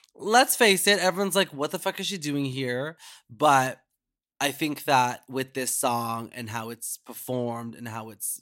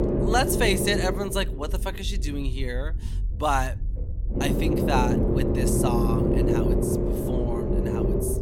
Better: first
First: none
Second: low rumble; loud; throughout; 1 dB below the speech

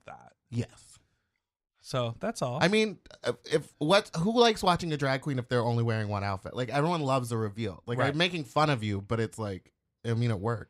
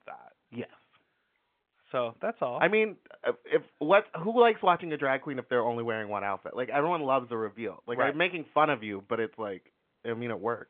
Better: first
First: none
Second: phone-call audio; nothing above 3.5 kHz

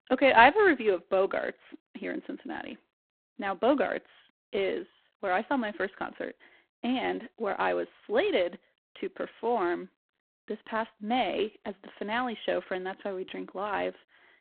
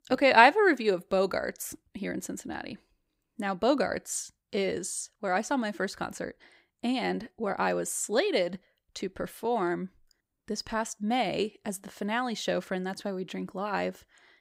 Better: second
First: phone-call audio; poor line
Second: none

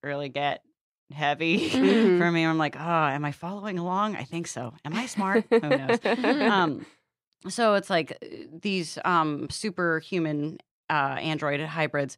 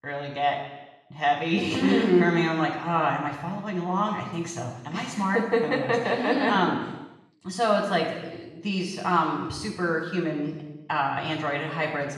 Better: first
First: none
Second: room echo; noticeable; dies away in 1 s // off-mic speech; far

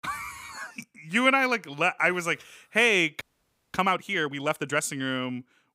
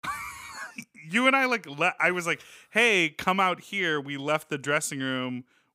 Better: second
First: audio freezing; at 3 s for 0.5 s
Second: none

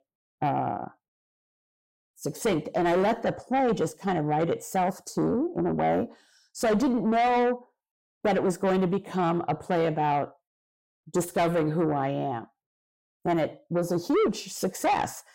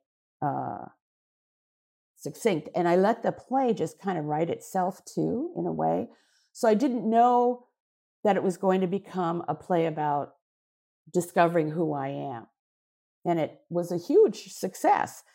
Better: second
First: distortion; heavy; 7 dB below the speech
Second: none

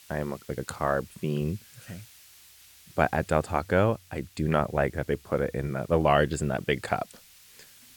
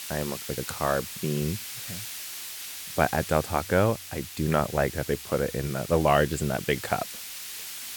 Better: first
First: hiss; faint; throughout; 25 dB below the speech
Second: hiss; loud; throughout; 9 dB below the speech

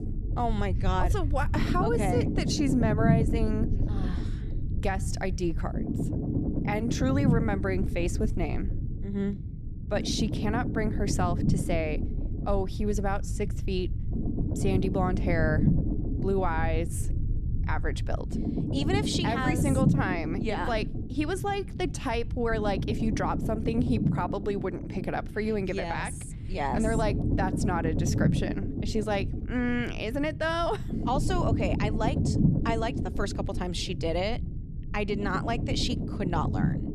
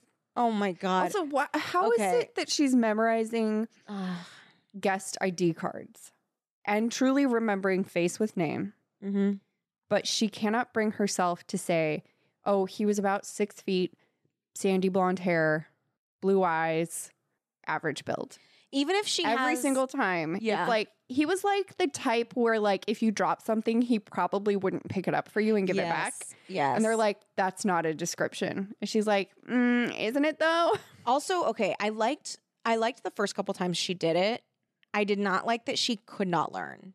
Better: second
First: low rumble; loud; throughout; 7 dB below the speech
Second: none

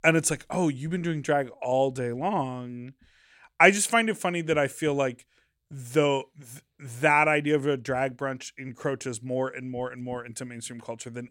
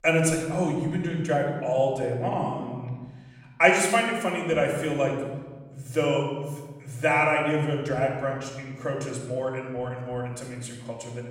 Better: first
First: none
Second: off-mic speech; far // room echo; noticeable; dies away in 1.4 s

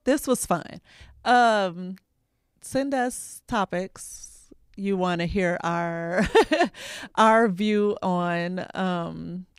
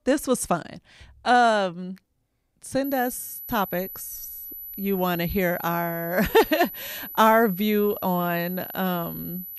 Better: first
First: none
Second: high-pitched whine; noticeable; from 3 s on; 12 kHz, 10 dB below the speech

